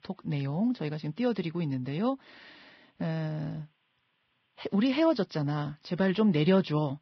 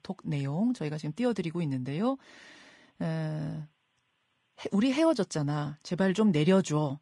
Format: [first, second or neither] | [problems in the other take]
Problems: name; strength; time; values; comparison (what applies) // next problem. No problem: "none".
second | garbled, watery; badly; nothing above 5.5 kHz; slightly in the second